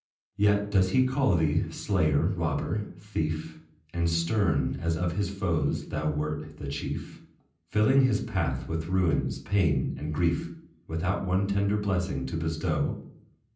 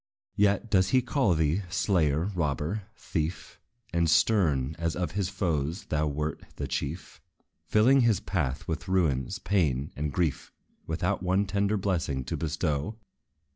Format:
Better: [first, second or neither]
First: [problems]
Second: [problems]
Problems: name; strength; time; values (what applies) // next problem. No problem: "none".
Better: second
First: room echo; dies away in 0.6 s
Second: none